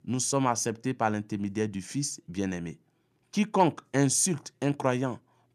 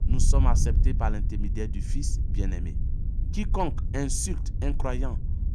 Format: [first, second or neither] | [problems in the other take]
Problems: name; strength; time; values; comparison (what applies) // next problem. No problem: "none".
first | wind noise on the microphone; occasional gusts; 10 dB below the speech